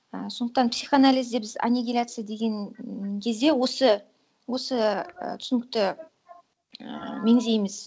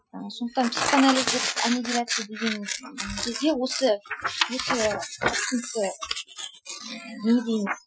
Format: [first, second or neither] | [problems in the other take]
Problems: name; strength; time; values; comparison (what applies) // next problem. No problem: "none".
first | noise reduction (classical method Wiener filter)